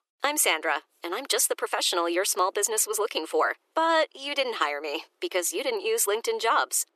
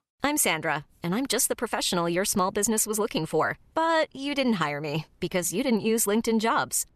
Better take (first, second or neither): second